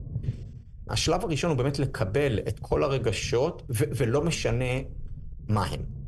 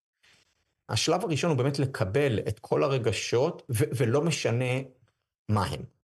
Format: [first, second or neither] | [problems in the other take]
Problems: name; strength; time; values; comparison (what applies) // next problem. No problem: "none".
second | low rumble; faint; throughout; 25 dB below the speech